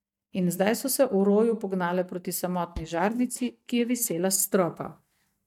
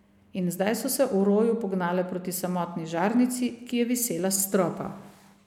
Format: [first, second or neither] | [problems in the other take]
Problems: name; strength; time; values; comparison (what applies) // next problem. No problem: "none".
second | noise reduction (neural mask model DeepFilterNet 3)